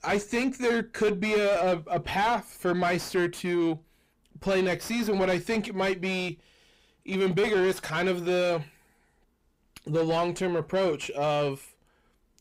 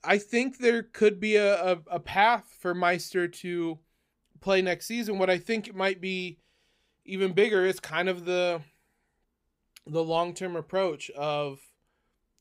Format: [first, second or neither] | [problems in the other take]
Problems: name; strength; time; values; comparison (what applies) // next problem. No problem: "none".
second | distortion; heavy; 6 dB below the speech